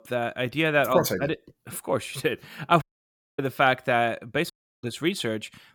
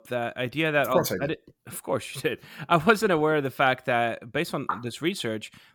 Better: second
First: audio cutting out; at 3 s for 0.5 s and at 4.5 s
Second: none

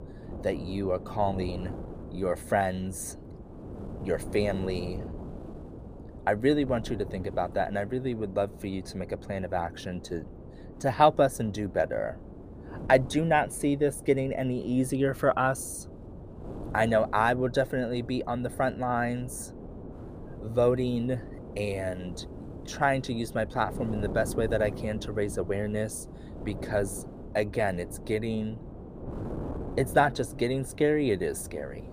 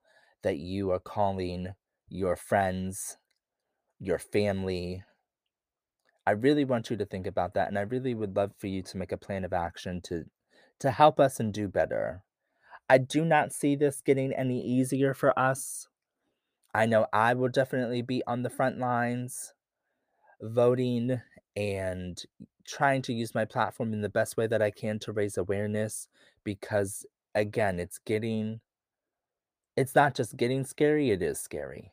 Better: second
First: wind noise on the microphone; occasional gusts; 20 dB below the speech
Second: none

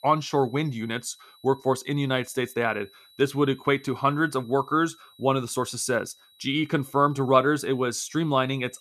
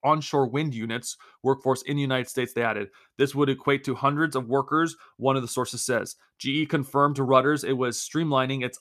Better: second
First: high-pitched whine; faint; throughout; 4 kHz, 30 dB below the speech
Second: none

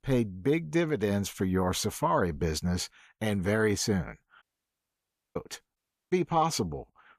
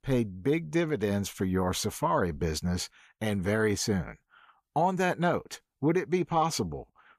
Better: second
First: audio cutting out; at 4.5 s for 1 s and at 6 s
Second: none

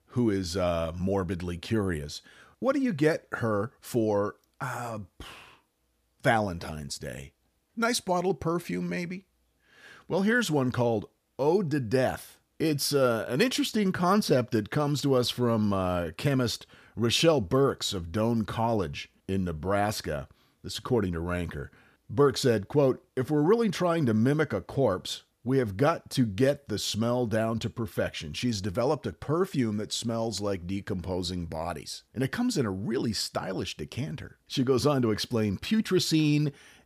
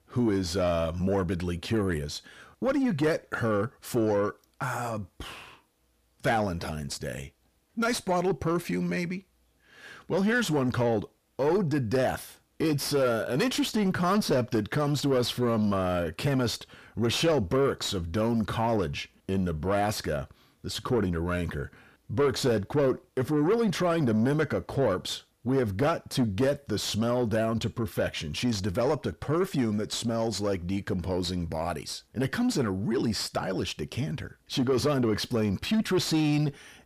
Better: first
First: none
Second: distortion; slight; 10 dB below the speech

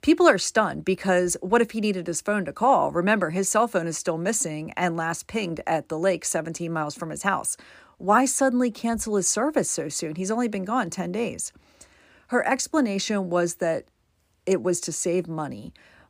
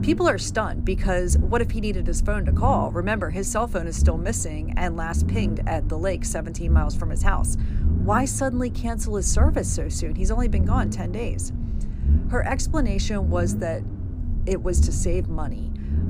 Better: first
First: none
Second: low rumble; noticeable; throughout; 10 dB below the speech

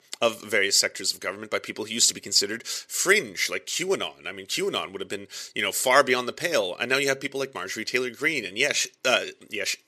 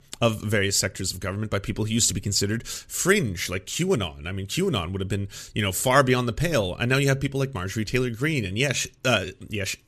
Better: second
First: thin; somewhat; fading below 450 Hz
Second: none

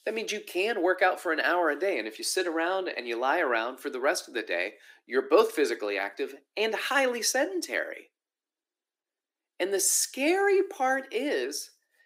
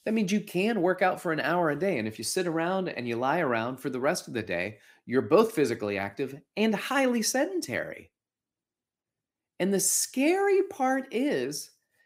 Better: second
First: thin; somewhat; fading below 300 Hz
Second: none

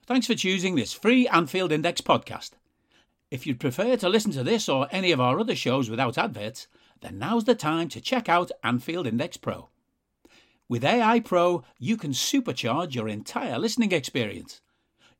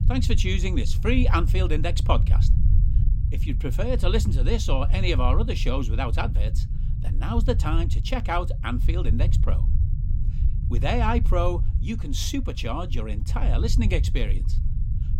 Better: first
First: none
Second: low rumble; noticeable; throughout; 15 dB below the speech

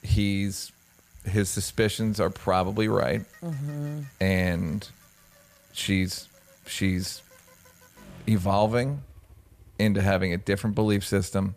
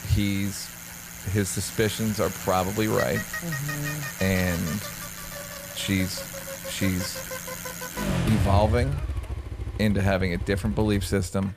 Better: first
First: traffic noise; faint; throughout; 25 dB below the speech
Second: traffic noise; loud; throughout; 5 dB below the speech

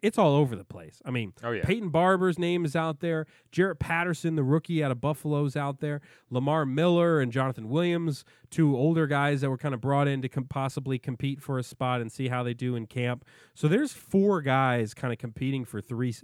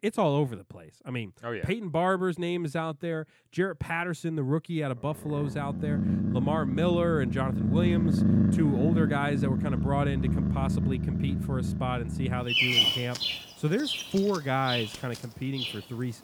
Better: first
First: none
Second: animal sounds; very loud; from 5.5 s on; 3 dB above the speech

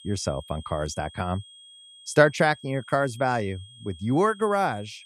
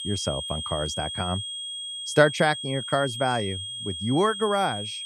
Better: first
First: high-pitched whine; faint; throughout; 3.5 kHz, 20 dB below the speech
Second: high-pitched whine; loud; throughout; 3.5 kHz, 6 dB below the speech

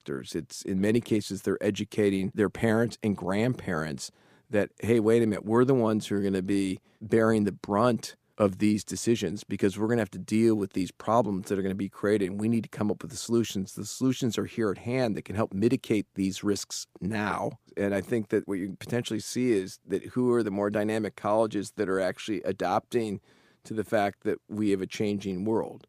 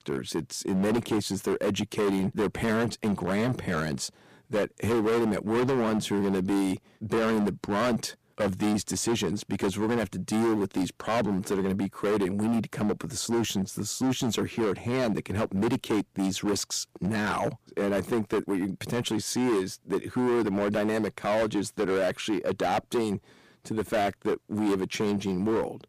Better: first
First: none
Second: distortion; heavy; 17% of the sound clipped

